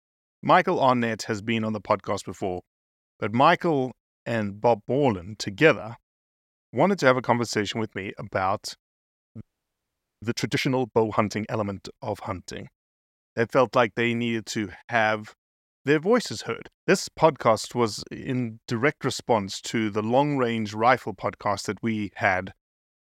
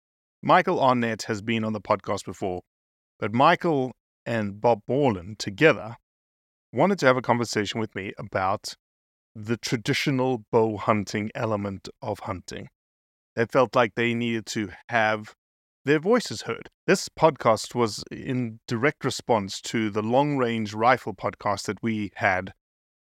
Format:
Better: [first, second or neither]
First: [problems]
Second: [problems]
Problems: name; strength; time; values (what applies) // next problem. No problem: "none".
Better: second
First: audio freezing; at 9.5 s for 1 s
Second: none